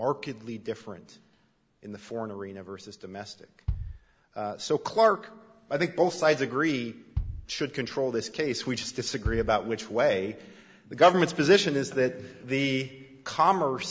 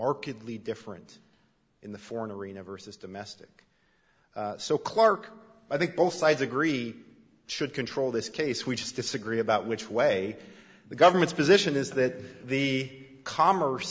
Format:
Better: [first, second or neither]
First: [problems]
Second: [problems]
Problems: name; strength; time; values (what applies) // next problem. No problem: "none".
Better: second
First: background sound (Bass drum); 11 dB below the speech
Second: none